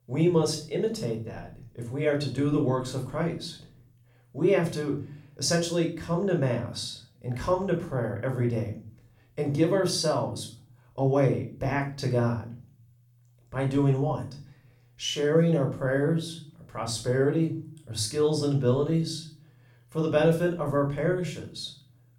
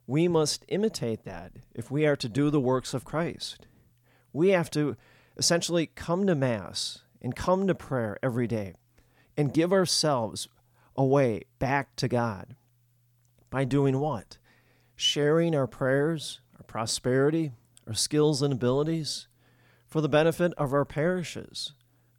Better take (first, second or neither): second